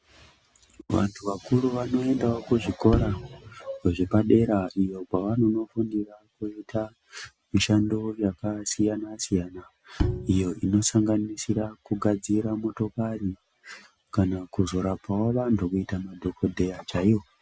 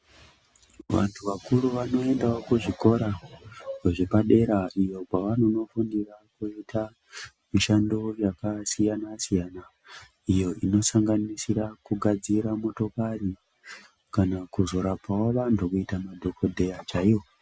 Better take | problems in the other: second | background sound (Bowed string instrument); 5 dB below the speech

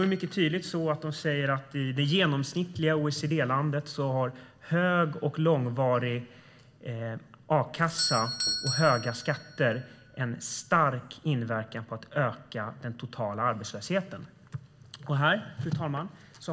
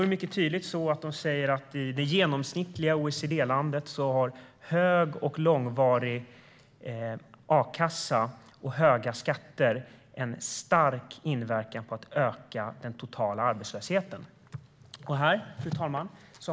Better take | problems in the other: second | background sound (Doorbell); 14 dB below the speech // room echo; dies away in 0.3 s

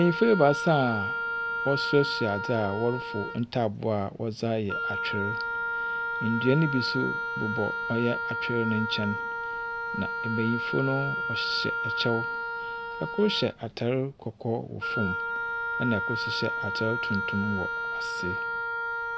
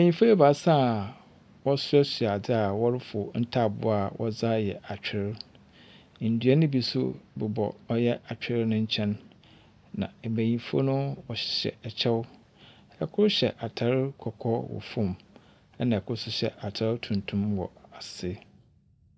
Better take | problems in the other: second | background sound (Wind instrument, woodwind instrument); 2 dB below the speech

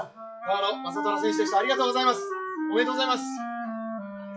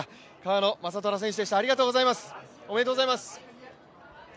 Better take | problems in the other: second | noise reduction (classical method WPE with log-MMSE)

